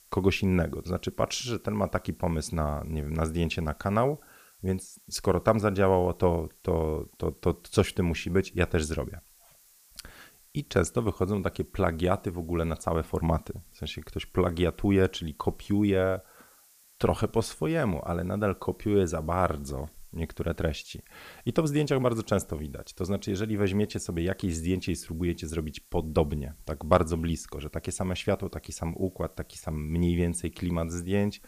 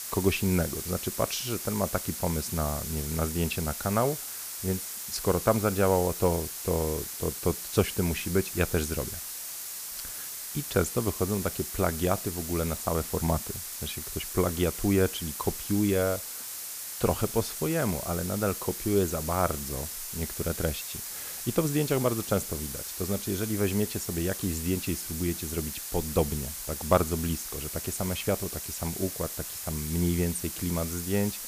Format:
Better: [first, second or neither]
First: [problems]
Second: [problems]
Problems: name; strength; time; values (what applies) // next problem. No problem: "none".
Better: first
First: hiss; faint; throughout; 25 dB below the speech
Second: hiss; loud; throughout; 5 dB below the speech